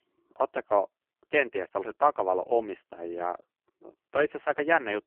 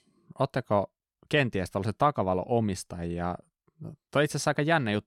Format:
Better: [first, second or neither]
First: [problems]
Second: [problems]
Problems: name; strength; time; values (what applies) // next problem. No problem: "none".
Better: second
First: phone-call audio; poor line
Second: none